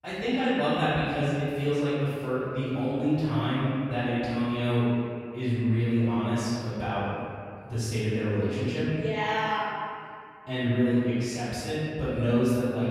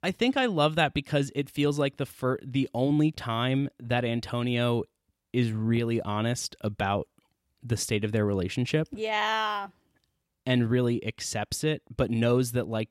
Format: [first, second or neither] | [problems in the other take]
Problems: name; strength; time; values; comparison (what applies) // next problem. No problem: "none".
second | off-mic speech; far // room echo; strong; dies away in 2.2 s